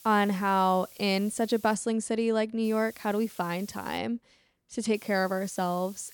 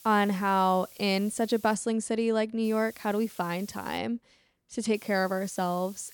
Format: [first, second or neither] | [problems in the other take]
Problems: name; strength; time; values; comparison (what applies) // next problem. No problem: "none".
neither | hiss; faint; until 1.5 s, from 2.5 to 4 s and from 5 s on; 20 dB below the speech; the same in both